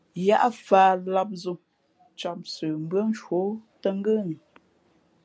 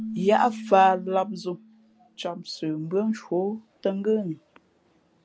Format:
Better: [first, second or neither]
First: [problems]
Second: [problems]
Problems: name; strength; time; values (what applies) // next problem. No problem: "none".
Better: first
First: none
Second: background sound (Keyboard (musical)); 15 dB below the speech